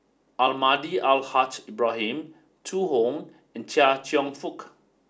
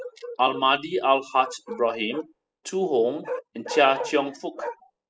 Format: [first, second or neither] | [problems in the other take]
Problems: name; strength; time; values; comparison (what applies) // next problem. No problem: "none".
first | noise reduction (classical method spectral subtraction)